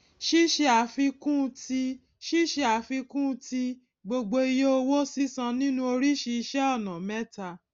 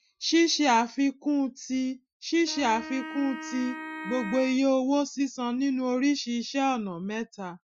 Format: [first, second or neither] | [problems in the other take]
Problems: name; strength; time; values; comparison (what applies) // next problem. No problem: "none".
first | noise reduction (classical method Wiener filter)